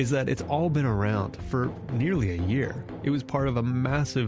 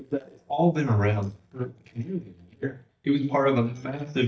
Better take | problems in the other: first | noise reduction (neural mask model DeepFilterNet 3)

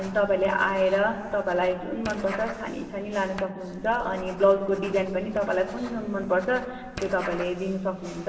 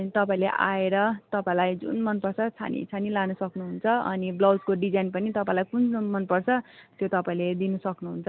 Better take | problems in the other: second | background sound (Writing); 14 dB below the speech // room echo; dies away in 2.2 s

